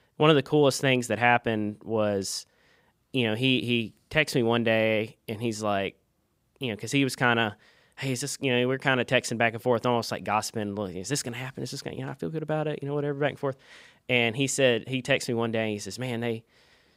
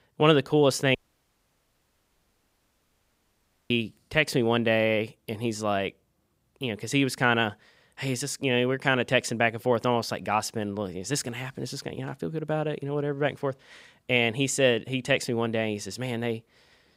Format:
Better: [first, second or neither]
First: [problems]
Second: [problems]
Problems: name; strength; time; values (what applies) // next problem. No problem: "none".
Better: first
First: none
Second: audio cutting out; at 1 s for 3 s